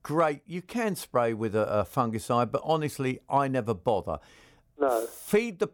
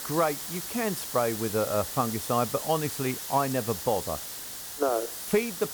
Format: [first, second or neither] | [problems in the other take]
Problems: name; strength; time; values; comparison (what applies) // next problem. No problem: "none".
first | hiss; loud; throughout; 5 dB below the speech